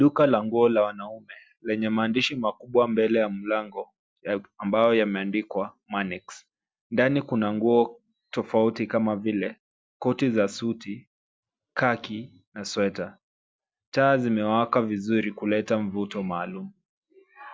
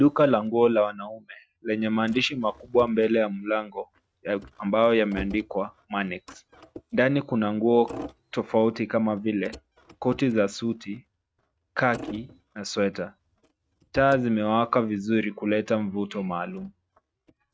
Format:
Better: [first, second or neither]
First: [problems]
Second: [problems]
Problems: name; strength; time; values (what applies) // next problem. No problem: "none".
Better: first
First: none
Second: noise reduction (neural mask model RNNoise)